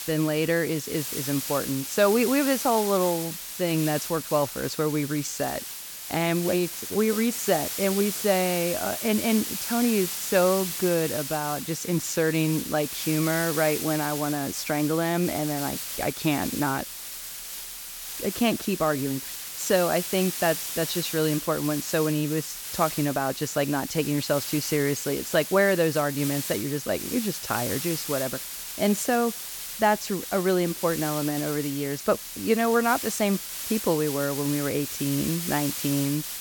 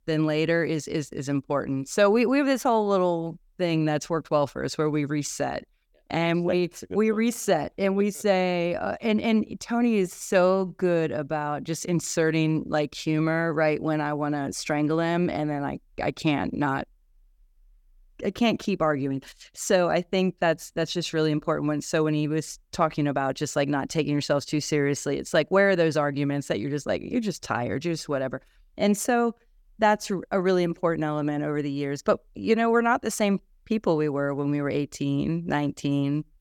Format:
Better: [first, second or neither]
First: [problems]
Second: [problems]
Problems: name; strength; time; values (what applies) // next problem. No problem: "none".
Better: second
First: hiss; loud; throughout; 6 dB below the speech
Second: none